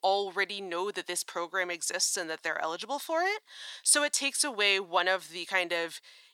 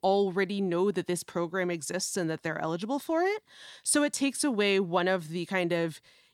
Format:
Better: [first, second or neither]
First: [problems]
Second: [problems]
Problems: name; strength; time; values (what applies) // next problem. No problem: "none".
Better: second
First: thin; very; fading below 700 Hz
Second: none